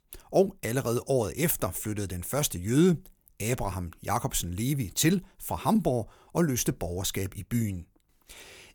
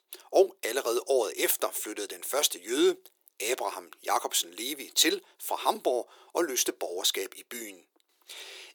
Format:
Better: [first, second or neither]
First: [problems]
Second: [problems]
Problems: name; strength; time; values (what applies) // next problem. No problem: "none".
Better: first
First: none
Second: thin; very; fading below 350 Hz